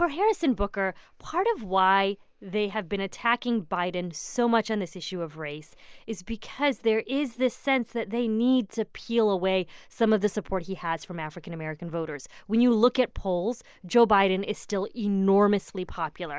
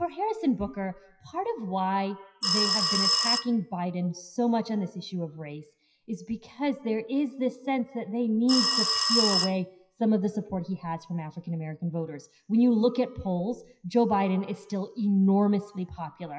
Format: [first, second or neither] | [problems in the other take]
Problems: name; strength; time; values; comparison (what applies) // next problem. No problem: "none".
first | noise reduction (classical method WPE with log-MMSE)